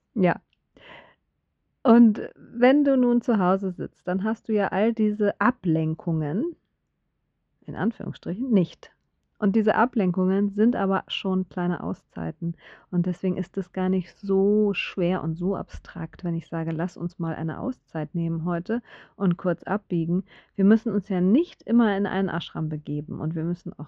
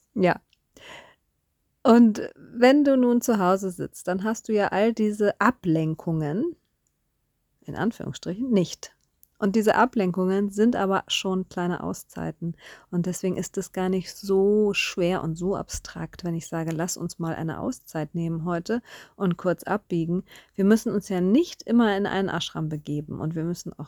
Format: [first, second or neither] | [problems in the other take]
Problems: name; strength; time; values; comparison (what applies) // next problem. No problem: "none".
second | muffled; very; fading above 3 kHz